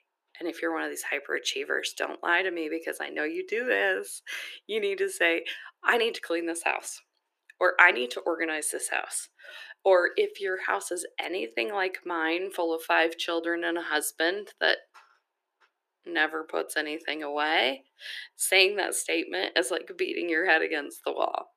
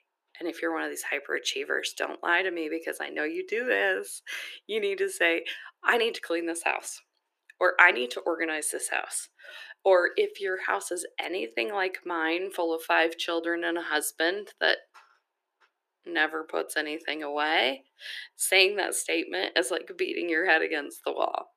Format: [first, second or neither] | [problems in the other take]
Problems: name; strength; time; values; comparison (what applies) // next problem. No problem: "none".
neither | thin; very; fading below 350 Hz; the same in both